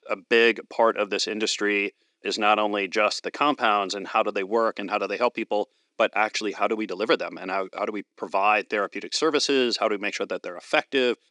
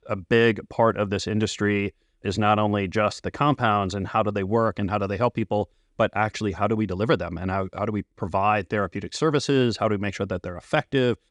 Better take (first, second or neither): second